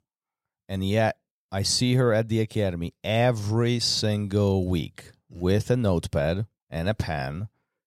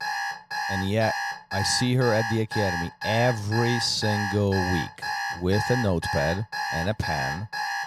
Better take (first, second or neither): first